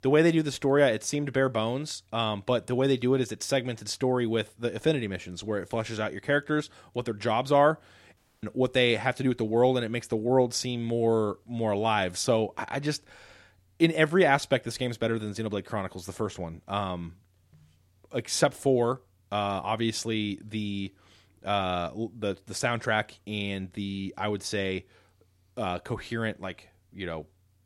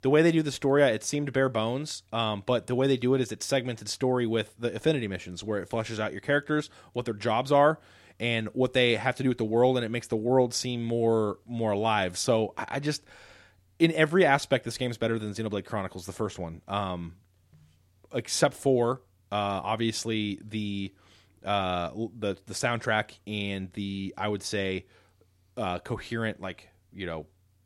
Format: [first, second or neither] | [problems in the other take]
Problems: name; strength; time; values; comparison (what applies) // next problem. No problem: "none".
second | audio cutting out; at 8 s